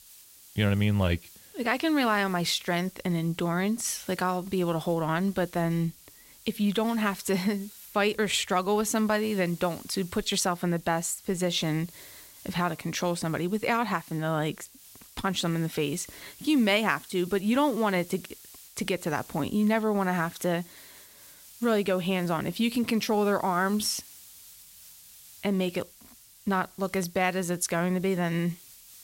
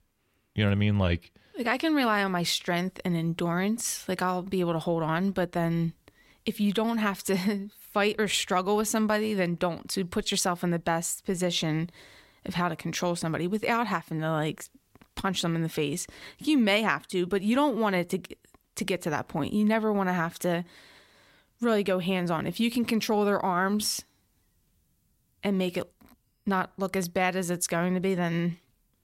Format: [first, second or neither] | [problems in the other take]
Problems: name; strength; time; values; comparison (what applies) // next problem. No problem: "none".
second | hiss; faint; throughout; 20 dB below the speech